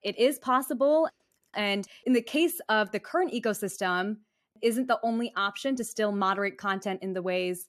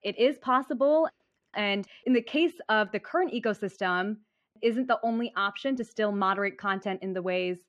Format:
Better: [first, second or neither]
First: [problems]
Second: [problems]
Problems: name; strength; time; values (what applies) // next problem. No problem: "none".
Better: first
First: none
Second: muffled; very slightly; fading above 3 kHz